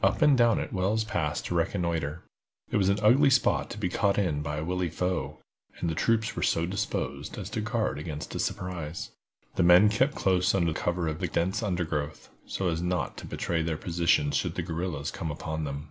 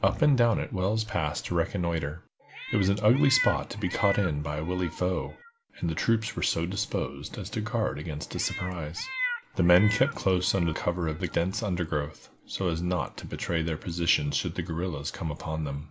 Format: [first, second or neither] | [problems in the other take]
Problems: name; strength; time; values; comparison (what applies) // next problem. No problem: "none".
first | background sound (Meow); 10 dB below the speech